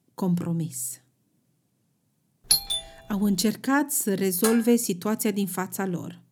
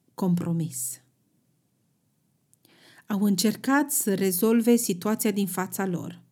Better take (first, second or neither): second